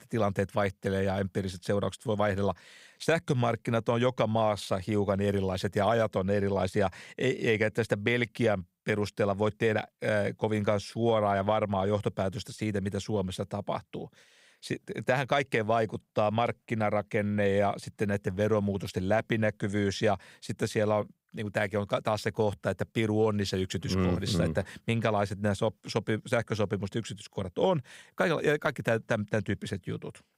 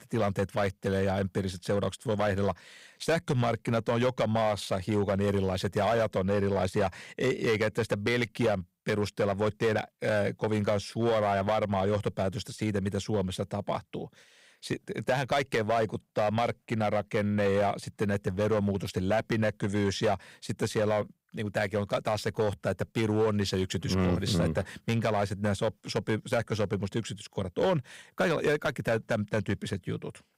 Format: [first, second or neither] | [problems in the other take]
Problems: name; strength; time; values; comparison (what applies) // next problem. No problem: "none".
first | distortion; slight; 5% of the sound clipped